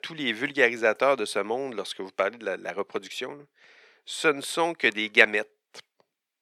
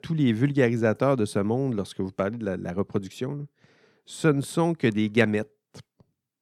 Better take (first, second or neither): second